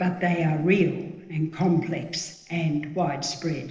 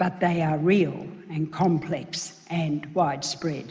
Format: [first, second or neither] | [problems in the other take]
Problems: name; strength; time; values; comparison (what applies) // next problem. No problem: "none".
second | noise reduction (neural separator model SepFormer DNS4)